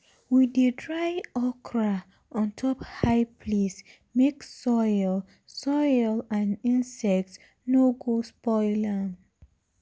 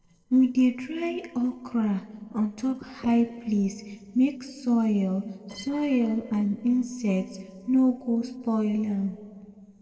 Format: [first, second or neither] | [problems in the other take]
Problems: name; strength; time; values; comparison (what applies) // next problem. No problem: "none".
first | noise reduction (neural separator model SepFormer DNS4)